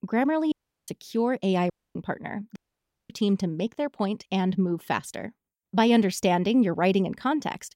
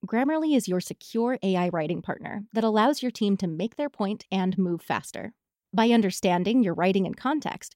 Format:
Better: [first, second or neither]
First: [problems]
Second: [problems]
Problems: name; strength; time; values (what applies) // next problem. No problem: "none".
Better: second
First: audio cutting out; at 0.5 s, at 1.5 s and at 2.5 s for 0.5 s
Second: none